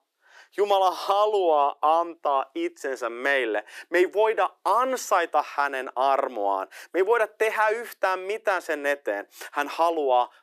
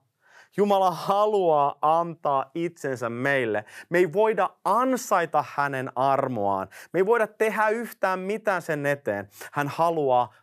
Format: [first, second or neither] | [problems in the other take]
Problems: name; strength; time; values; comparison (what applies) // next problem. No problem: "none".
second | thin; somewhat; fading below 300 Hz